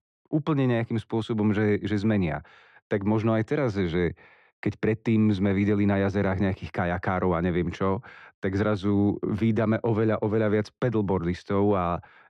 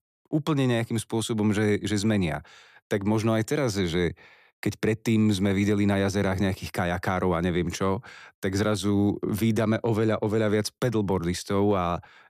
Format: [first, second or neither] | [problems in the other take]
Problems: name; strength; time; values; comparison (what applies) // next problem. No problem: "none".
second | muffled; slightly; fading above 2.5 kHz